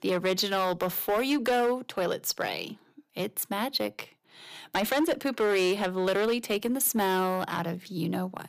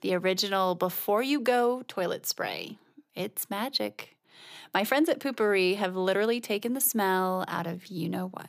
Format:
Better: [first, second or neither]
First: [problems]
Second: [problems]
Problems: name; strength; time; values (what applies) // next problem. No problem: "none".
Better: second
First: distortion; slight; 8% of the sound clipped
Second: none